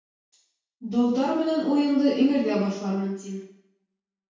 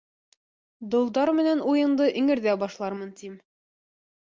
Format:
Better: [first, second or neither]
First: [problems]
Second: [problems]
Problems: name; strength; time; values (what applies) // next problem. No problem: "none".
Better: second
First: room echo; dies away in 0.6 s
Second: none